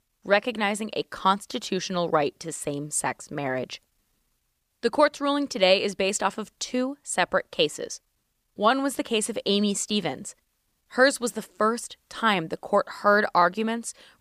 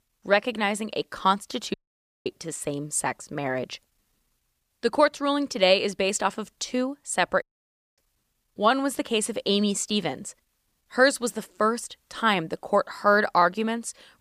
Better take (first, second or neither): first